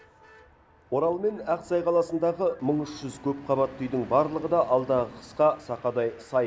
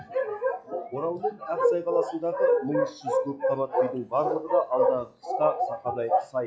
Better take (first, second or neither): first